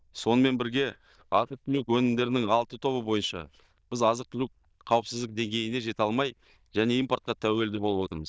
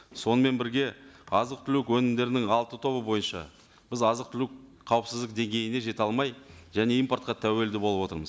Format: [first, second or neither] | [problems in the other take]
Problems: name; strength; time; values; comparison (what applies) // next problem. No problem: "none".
second | noise reduction (neural diffusion model UNIVERSE++)